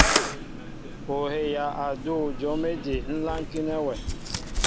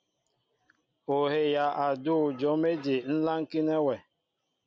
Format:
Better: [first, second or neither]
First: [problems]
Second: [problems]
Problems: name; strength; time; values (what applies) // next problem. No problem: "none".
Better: second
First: background sound (Camera); 1 dB above the speech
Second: none